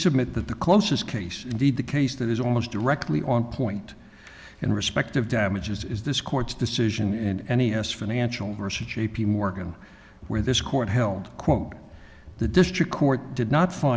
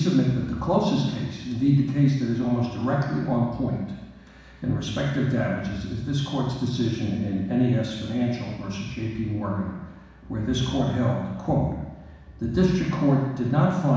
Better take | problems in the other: first | room echo; dies away in 1.1 s

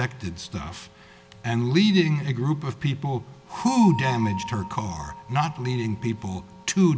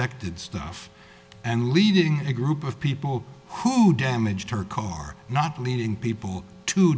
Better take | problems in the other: second | background sound (Bell); 15 dB below the speech

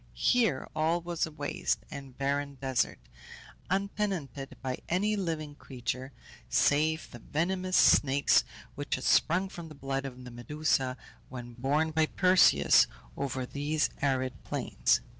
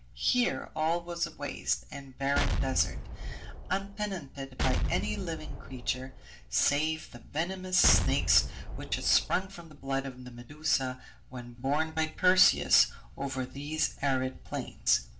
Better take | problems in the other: first | background sound (Explosion); 1 dB below the speech // room echo; dies away in 0.3 s

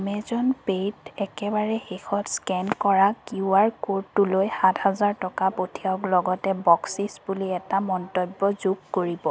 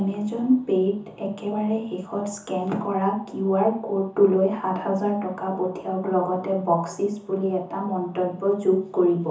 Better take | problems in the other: first | room echo; dies away in 0.6 s

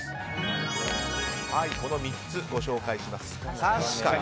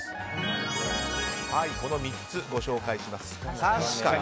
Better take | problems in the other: second | background sound (Electric guitar + Tap / Glass); 12 dB below the speech

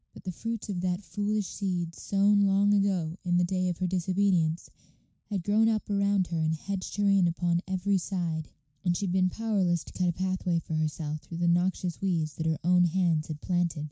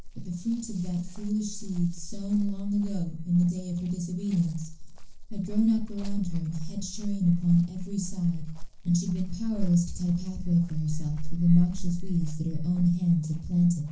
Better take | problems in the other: first | noise reduction (neural separator model SepFormer DNS4)

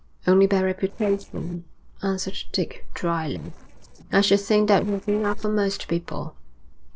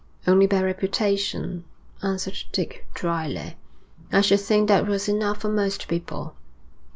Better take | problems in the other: second | noise reduction (neural separator model SepFormer DNS4)

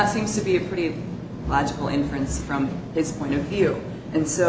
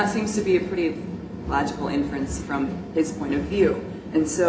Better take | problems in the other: first | room echo; dies away in 0.3 s

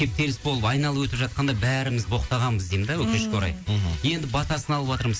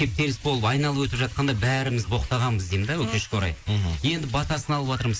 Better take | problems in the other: first | noise reduction (neural mask model Resemble Enhance denoiser)

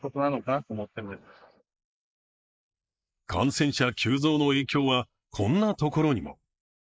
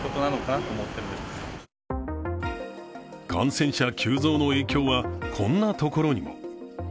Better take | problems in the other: second | noise reduction (neural mask model Resemble Enhance denoiser)

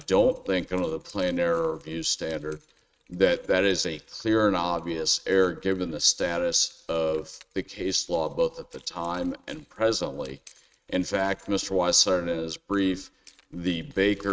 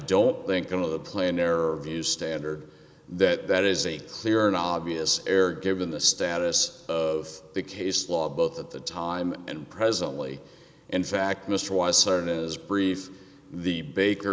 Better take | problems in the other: second | noise reduction (neural mask model RNNoise)

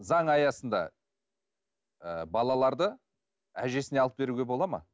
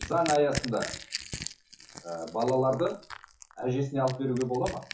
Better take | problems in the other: first | noise reduction (classical method WPE with log-MMSE)

